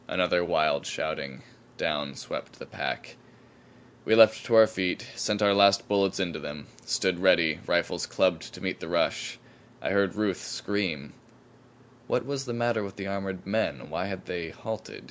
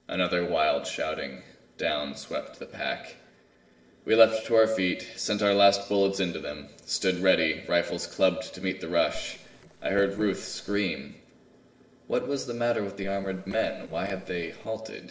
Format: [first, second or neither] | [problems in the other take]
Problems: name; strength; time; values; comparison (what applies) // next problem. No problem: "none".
first | noise reduction (neural separator model SepFormer DNS4)